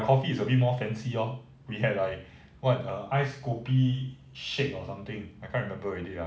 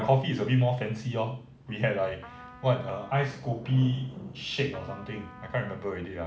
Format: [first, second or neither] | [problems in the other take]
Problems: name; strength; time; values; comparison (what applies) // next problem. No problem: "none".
first | background sound (Thunder / Rain + Trumpet); 19 dB below the speech